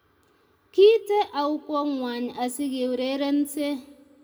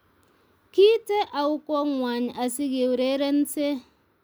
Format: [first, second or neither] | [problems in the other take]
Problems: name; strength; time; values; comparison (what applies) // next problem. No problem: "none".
second | room echo; dies away in 1 s